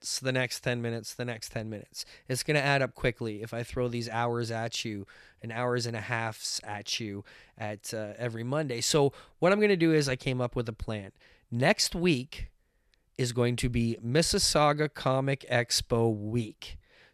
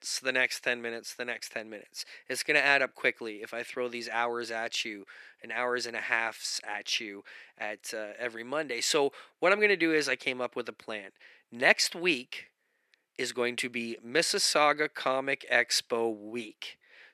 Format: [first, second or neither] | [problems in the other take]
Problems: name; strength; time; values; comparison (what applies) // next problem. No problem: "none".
first | thin; somewhat; fading below 300 Hz